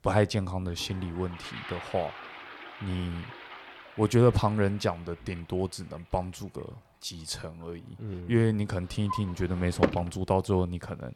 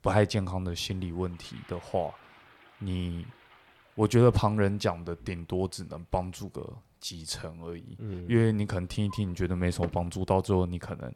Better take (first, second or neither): second